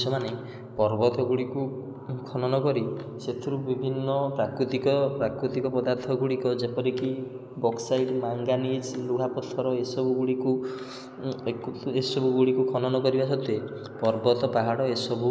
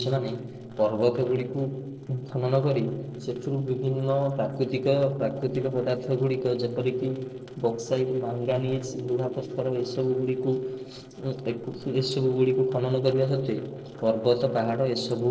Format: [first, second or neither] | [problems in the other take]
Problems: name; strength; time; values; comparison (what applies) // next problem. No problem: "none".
first | noise reduction (neural separator model SepFormer DNS4)